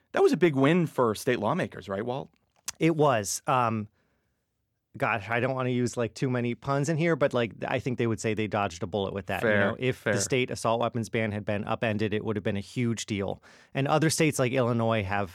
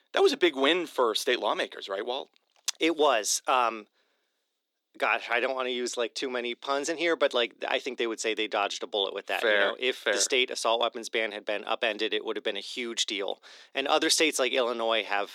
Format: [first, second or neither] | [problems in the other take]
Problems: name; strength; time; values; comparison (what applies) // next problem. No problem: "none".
first | thin; somewhat; fading below 300 Hz